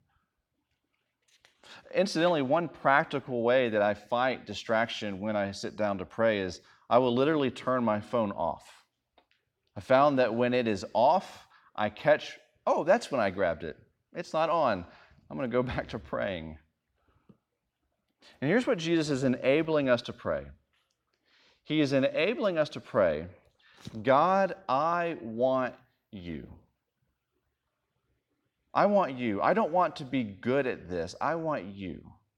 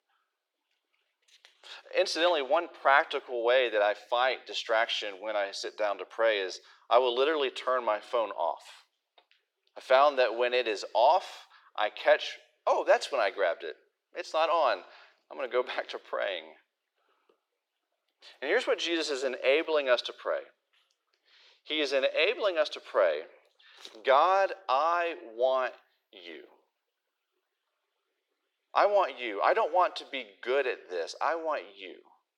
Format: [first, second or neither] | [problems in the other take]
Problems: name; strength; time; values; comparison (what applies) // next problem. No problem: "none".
first | thin; very; fading below 350 Hz